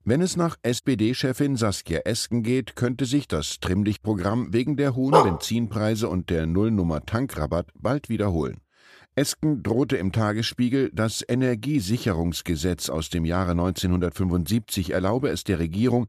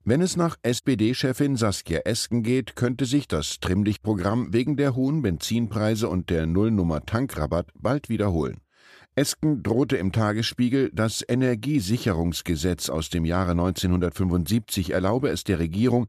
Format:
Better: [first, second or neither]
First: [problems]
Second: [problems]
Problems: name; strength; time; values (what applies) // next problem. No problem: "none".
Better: second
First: dog barking; loud; at 5 s; peak 5 dB above the speech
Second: none